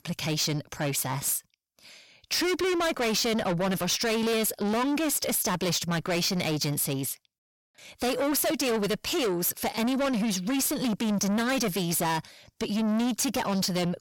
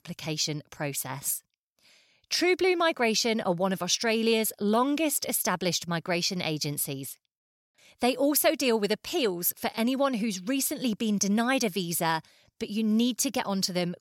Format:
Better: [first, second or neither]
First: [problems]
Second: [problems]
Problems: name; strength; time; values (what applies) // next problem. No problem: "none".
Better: second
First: distortion; heavy; 6 dB below the speech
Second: none